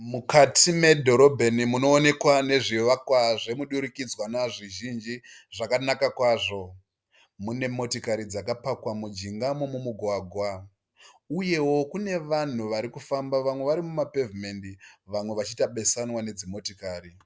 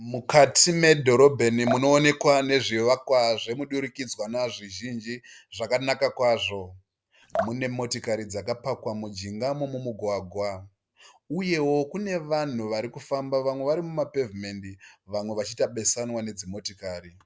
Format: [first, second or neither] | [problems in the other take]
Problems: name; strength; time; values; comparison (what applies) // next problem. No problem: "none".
first | background sound (Drip); 11 dB below the speech